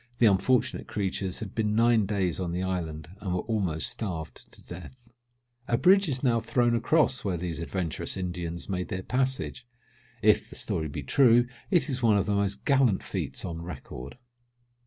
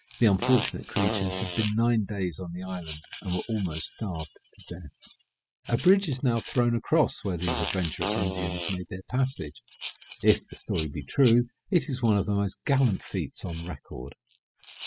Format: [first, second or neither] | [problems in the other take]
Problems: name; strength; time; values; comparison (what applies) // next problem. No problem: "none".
first | noise reduction (classical method spectral subtraction)